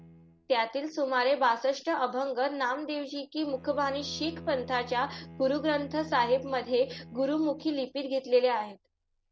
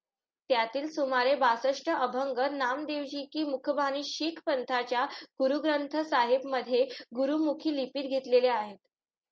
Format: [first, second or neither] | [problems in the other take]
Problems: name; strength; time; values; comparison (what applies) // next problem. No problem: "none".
second | background sound (Bowed string instrument); 19 dB below the speech